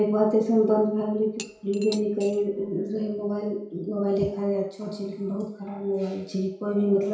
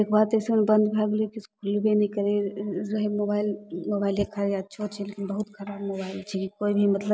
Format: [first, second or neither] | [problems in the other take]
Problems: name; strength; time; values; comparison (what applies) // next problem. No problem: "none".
second | background sound (Cutlery, silverware / Dishes, pots, and pans); 17 dB below the speech // room echo; dies away in 0.6 s